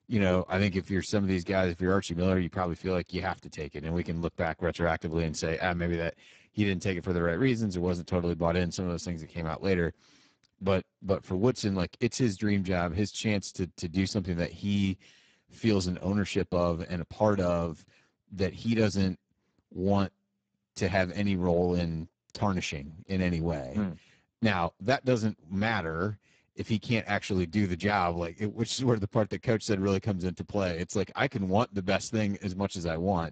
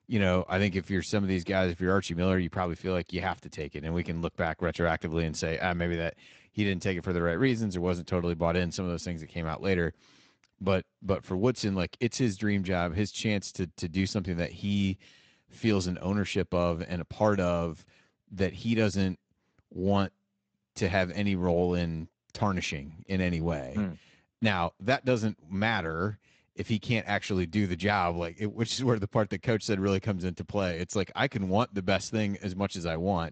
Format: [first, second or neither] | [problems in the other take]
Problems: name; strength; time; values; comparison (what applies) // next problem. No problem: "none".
second | garbled, watery; badly; nothing above 8 kHz; slightly in the second